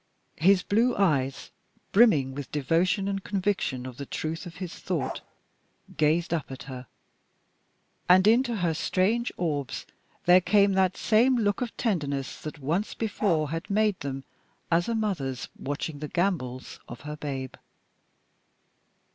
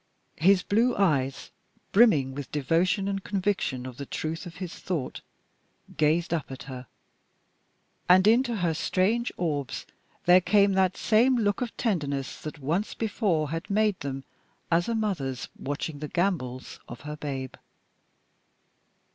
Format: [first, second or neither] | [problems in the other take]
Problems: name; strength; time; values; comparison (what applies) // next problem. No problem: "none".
second | background sound (Bark); 10 dB below the speech